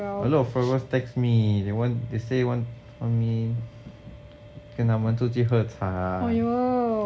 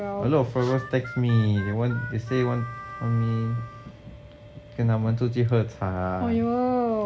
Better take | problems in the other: first | background sound (Harmonica); 15 dB below the speech

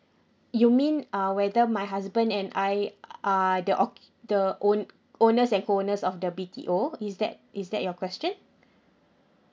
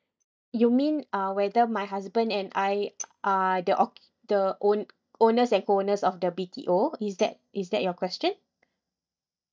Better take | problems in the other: first | noise reduction (neural mask model DeepFilterNet 3)

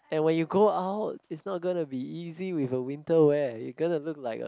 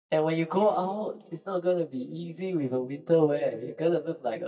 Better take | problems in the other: first | noise reduction (neural mask model DeepFilterNet 3)

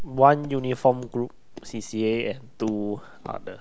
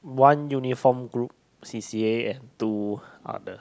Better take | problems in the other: second | background sound (Walk, footsteps); 14 dB below the speech

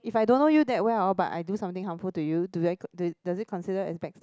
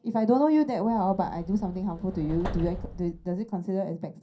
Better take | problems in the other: first | background sound (Subway, metro, underground); 12 dB below the speech // room echo; dies away in 0.3 s

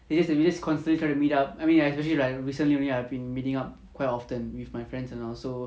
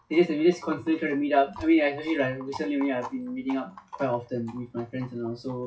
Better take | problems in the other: first | noise reduction (classical method WPE with log-MMSE)

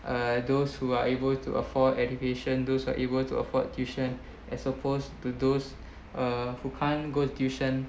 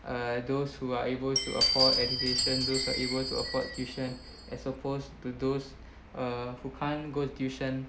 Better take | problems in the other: first | background sound (Glass); 2 dB above the speech

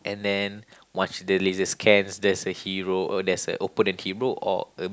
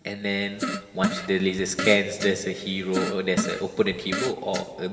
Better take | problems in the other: first | background sound (Fart); 6 dB below the speech // room echo; dies away in 2.3 s

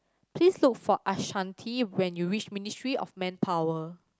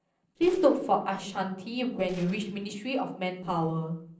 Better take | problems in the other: first | noise reduction (neural separator model SepFormer DNS4)

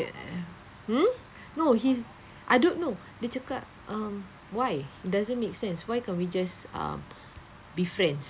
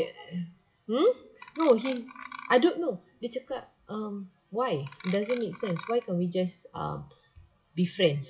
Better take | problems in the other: first | noise reduction (classical method WPE with log-MMSE)

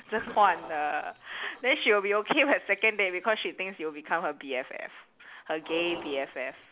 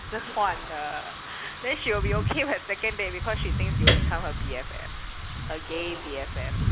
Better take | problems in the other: first | background sound (Piano + Wind / Rain); 3 dB above the speech

